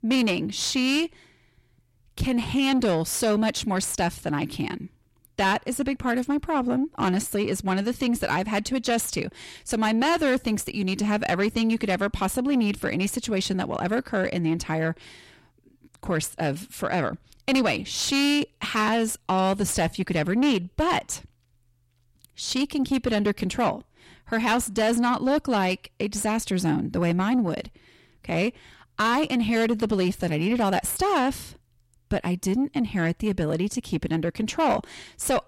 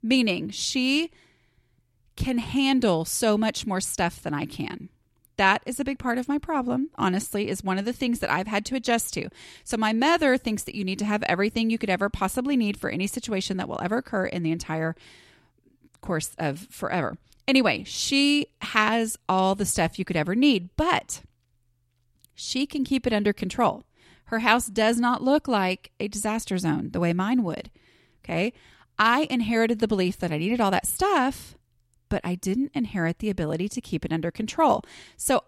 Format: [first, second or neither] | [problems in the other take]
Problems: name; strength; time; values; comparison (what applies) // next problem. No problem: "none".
second | distortion; slight; 10 dB below the speech